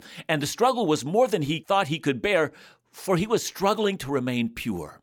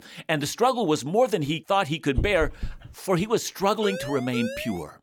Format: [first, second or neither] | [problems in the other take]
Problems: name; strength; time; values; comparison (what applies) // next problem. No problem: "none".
first | dog barking; noticeable; at 2 s; peak 6 dB below the speech // siren; noticeable; from 4 s on; peak 9 dB below the speech